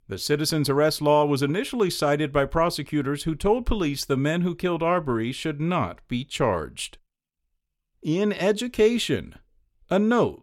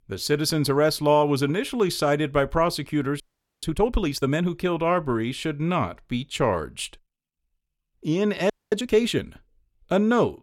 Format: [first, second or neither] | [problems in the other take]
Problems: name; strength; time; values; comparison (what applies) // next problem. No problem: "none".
first | audio freezing; at 3 s and at 8.5 s